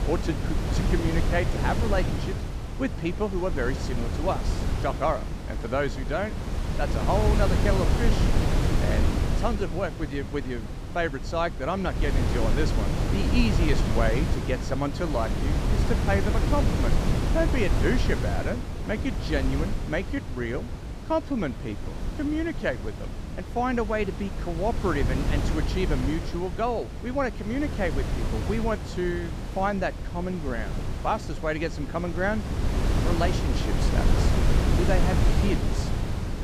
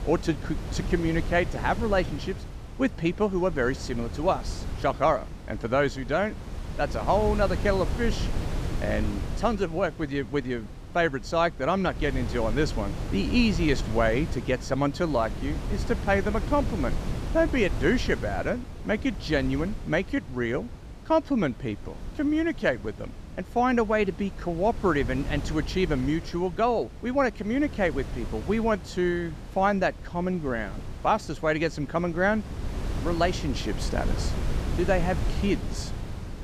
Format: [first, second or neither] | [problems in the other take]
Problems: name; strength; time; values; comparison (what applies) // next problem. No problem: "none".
second | wind noise on the microphone; heavy; 5 dB below the speech; occasional gusts in the second